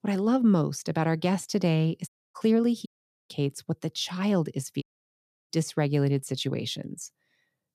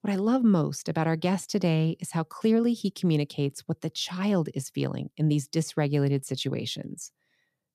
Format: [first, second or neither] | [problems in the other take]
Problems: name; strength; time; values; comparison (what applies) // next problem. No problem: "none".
second | audio cutting out; at 2 s, at 3 s and at 5 s for 0.5 s